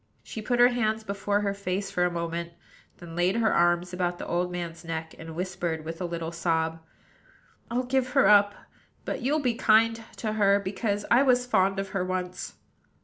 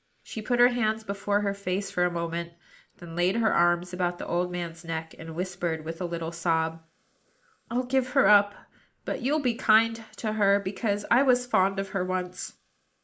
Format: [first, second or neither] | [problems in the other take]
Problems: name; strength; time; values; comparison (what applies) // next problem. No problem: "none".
first | noise reduction (neural mask model Resemble Enhance denoiser)